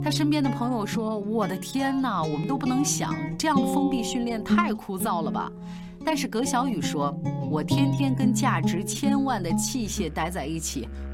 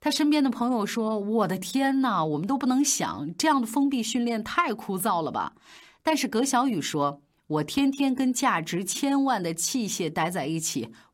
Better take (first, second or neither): second